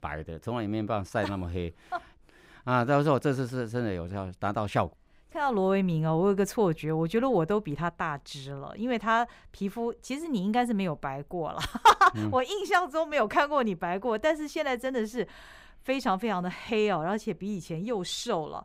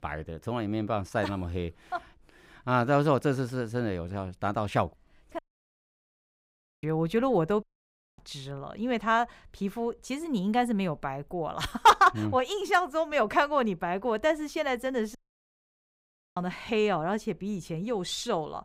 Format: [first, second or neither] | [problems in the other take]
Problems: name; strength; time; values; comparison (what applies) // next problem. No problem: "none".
first | audio cutting out; at 5.5 s for 1.5 s, at 7.5 s for 0.5 s and at 15 s for 1 s